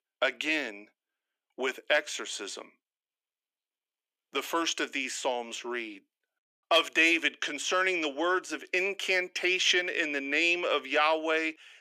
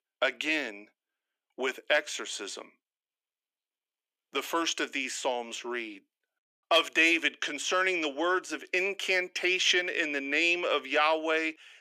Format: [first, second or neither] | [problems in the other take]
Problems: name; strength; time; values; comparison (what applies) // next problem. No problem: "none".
neither | thin; very; fading below 400 Hz; the same in both